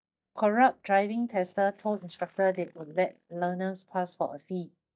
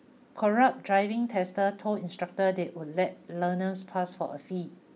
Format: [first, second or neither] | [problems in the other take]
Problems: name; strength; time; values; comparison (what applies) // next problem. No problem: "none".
second | noise reduction (neural mask model DeepFilterNet 3)